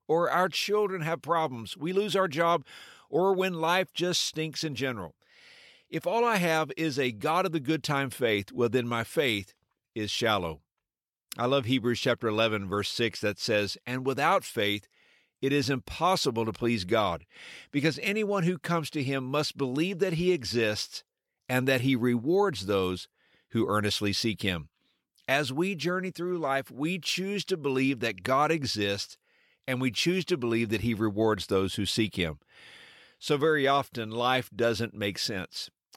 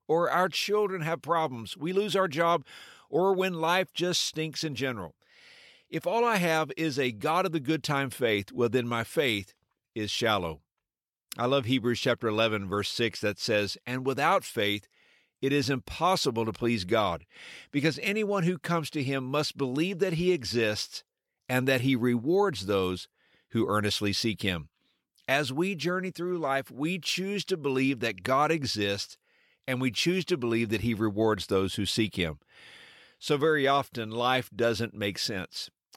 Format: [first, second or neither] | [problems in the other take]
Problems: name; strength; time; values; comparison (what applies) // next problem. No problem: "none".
neither | none